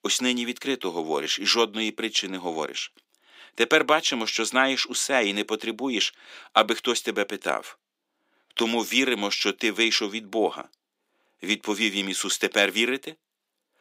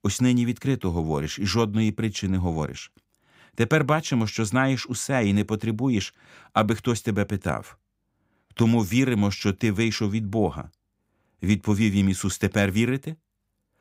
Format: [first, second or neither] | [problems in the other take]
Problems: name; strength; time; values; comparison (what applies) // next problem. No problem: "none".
second | thin; somewhat; fading below 300 Hz